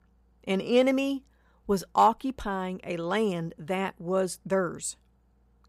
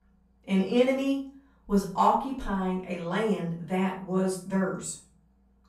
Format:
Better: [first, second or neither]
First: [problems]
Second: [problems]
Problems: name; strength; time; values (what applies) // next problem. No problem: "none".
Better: first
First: none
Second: off-mic speech; far // room echo; slight; dies away in 0.4 s